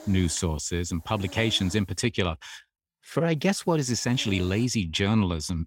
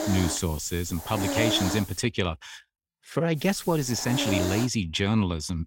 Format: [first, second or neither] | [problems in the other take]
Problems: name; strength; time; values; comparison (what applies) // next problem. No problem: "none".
first | hiss; loud; until 2 s and from 3.5 to 4.5 s; 5 dB below the speech; faint in the first